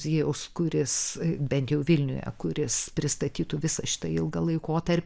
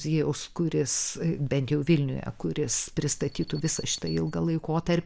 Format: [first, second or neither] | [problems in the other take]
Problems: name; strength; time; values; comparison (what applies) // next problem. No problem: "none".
first | background sound (Alarm); 19 dB below the speech